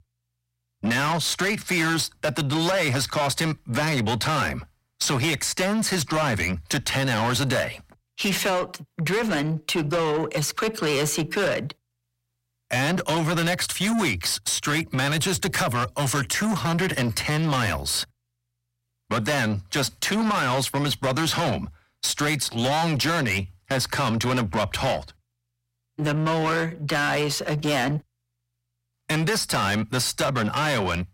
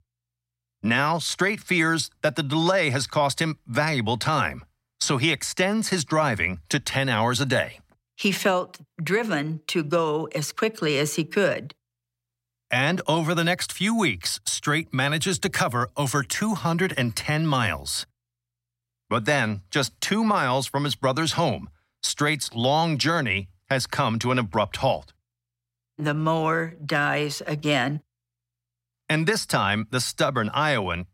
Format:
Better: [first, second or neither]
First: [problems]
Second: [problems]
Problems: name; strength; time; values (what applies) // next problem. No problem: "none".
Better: second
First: distortion; heavy; 7 dB below the speech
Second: none